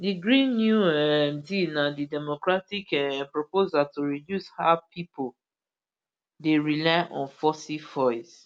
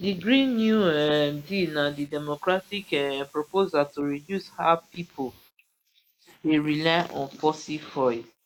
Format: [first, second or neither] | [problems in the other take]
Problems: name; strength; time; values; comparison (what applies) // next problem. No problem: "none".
first | noise reduction (neural mask model Resemble Enhance denoiser)